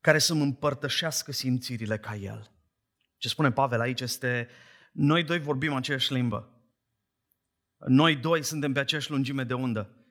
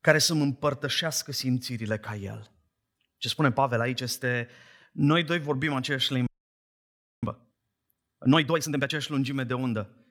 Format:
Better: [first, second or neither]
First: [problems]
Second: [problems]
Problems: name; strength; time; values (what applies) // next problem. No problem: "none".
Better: first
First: none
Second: audio freezing; at 6.5 s for 1 s